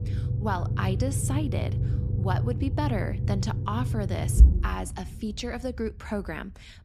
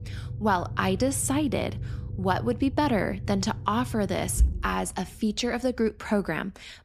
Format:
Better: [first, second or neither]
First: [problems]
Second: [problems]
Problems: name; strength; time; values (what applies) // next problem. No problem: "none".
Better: second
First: low rumble; loud; throughout; 7 dB below the speech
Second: low rumble; faint; throughout; 20 dB below the speech